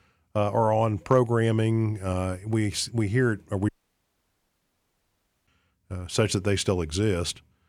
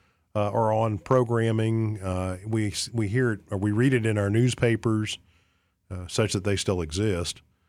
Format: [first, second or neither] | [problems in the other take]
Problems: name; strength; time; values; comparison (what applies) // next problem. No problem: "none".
second | audio cutting out; at 3.5 s for 2 s